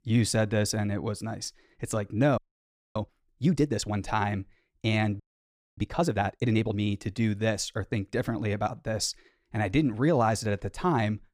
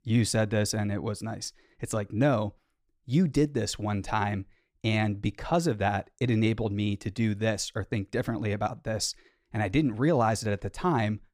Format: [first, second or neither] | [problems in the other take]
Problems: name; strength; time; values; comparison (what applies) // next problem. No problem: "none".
second | audio freezing; at 2.5 s for 0.5 s and at 5 s for 0.5 s